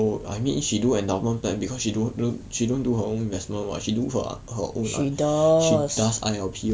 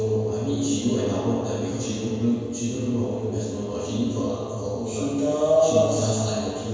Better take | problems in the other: first | room echo; dies away in 1.9 s

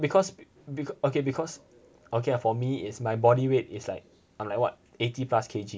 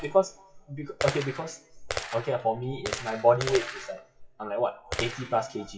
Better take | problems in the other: first | noise reduction (classical method WPE with log-MMSE)

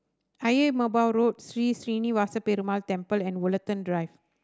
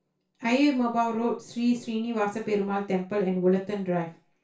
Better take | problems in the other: first | room echo; dies away in 0.3 s

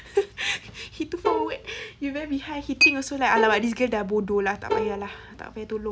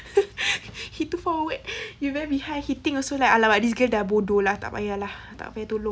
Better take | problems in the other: second | background sound (Bowed string instrument + Chink, clink); 3 dB below the speech

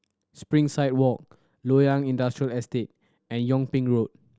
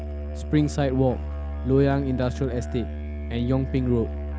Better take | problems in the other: first | background sound (Musical instrument); 5 dB below the speech

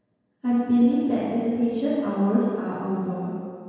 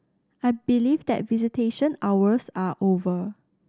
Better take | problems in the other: second | room echo; dies away in 1.9 s

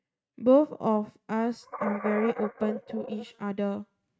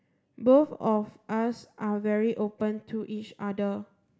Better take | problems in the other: second | noise reduction (neural mask model RNNoise)

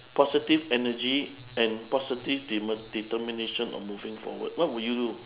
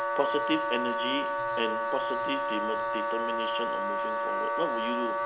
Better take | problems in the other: first | background sound (Wind instrument, woodwind instrument); 4 dB above the speech

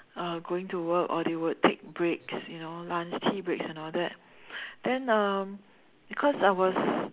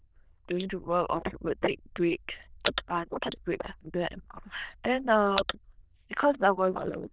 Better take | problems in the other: first | noise reduction (neural diffusion model UNIVERSE++)

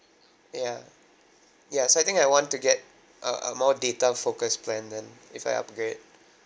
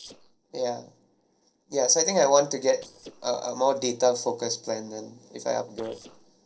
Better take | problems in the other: first | noise reduction (neural separator model SepFormer DNS4)

